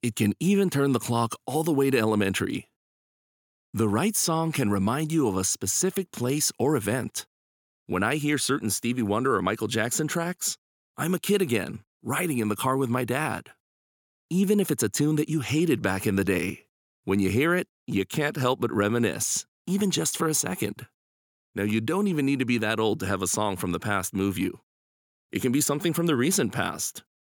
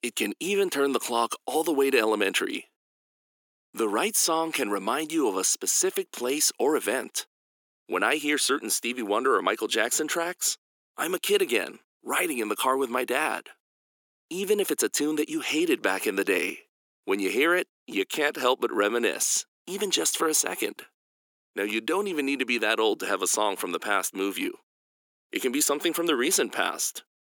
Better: first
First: none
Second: thin; somewhat; fading below 300 Hz

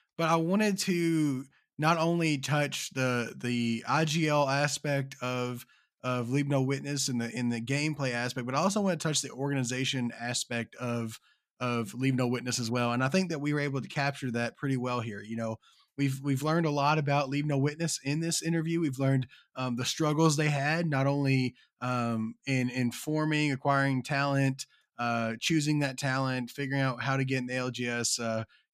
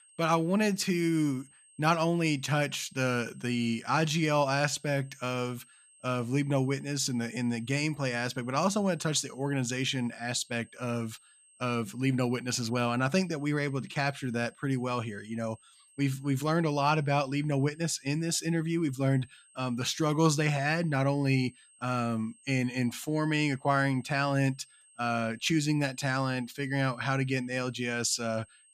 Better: first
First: none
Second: high-pitched whine; faint; throughout; 8.5 kHz, 30 dB below the speech

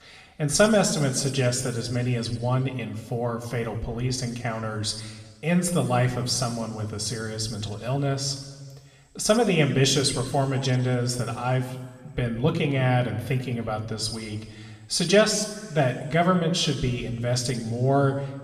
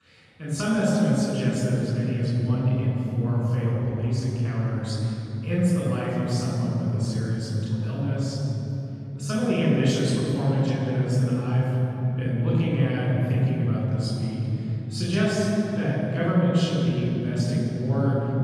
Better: first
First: room echo; slight; dies away in 1.3 s // off-mic speech; somewhat distant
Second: room echo; strong; dies away in 3 s // off-mic speech; far

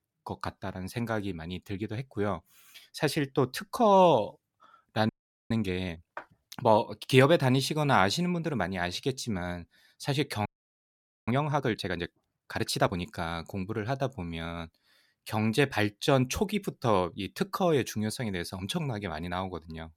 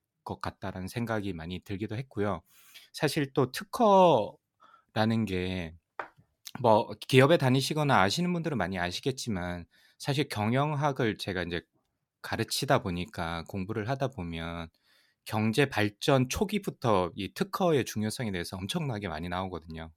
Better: second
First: audio freezing; at 5 s and at 10 s for 1 s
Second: none

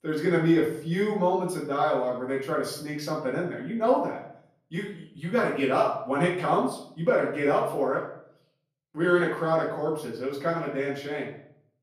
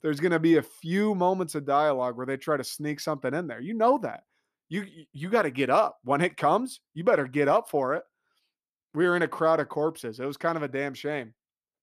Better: second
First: off-mic speech; far // room echo; noticeable; dies away in 0.5 s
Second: none

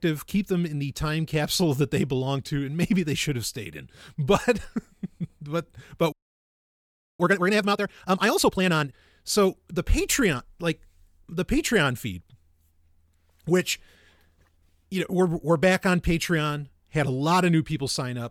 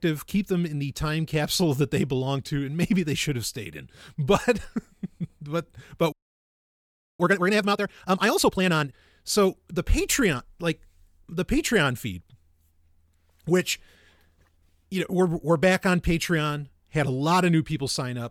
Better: neither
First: audio freezing; at 6 s for 1 s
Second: audio freezing; at 6 s for 1 s

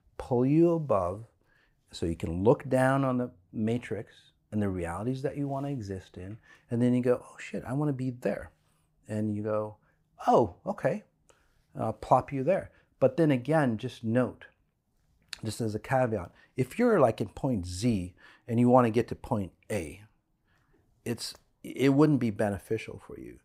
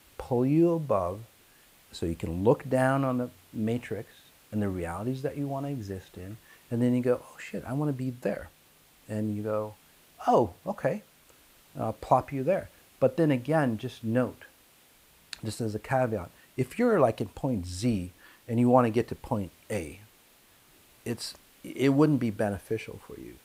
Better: first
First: none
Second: hiss; faint; throughout; 30 dB below the speech

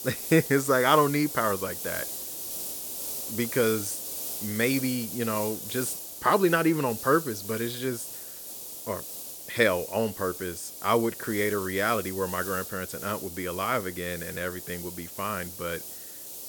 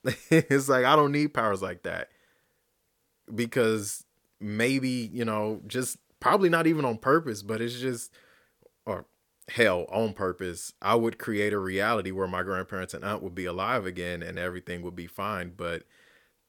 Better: second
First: hiss; loud; throughout; 7 dB below the speech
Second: none

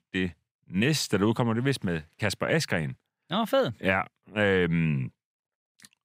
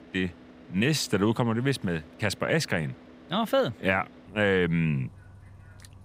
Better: first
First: none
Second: traffic noise; faint; throughout; 25 dB below the speech

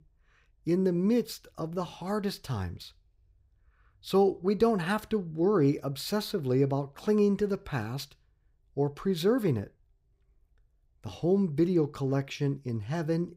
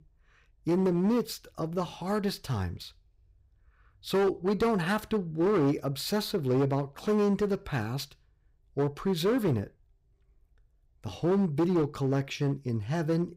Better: first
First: none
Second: distortion; slight; 8% of the sound clipped

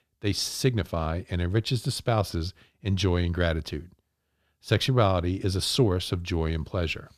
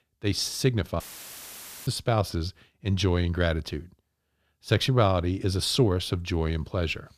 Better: first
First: none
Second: audio cutting out; filled with static; at 1 s for 1 s

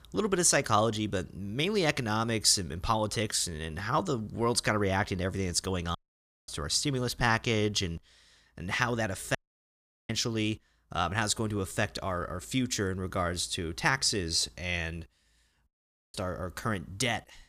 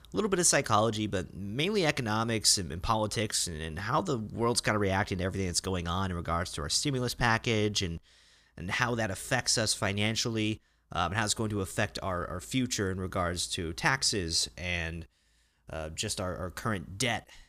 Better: second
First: audio cutting out; at 6 s for 0.5 s, at 9.5 s for 0.5 s and at 16 s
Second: none

